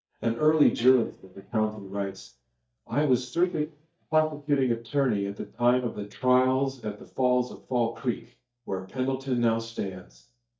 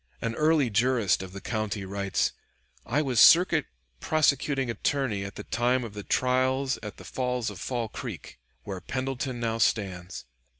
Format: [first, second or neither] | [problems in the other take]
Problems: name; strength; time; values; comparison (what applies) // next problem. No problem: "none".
second | noise reduction (neural mask model DeepFilterNet 3)